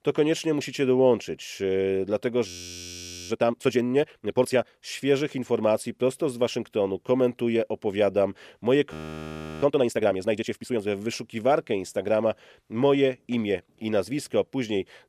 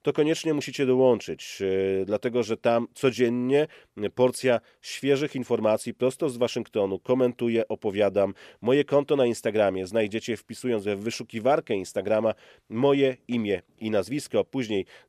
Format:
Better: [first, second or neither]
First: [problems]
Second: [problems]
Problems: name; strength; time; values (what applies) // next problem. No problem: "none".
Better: second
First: audio freezing; at 2.5 s for 1 s and at 9 s for 0.5 s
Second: none